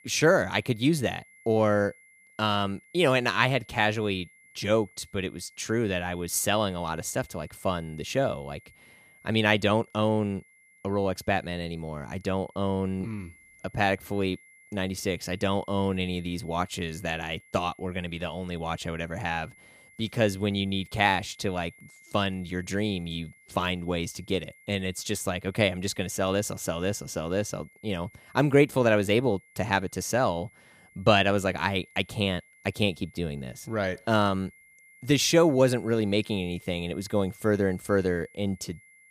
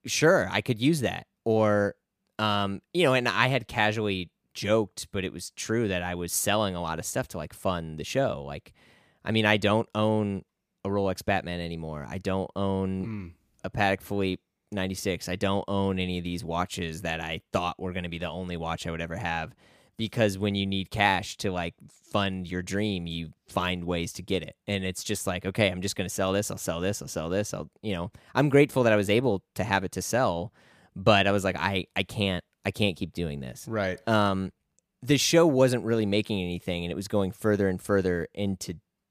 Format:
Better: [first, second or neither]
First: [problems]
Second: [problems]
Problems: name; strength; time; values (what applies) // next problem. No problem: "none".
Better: second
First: high-pitched whine; faint; throughout; 2 kHz, 25 dB below the speech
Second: none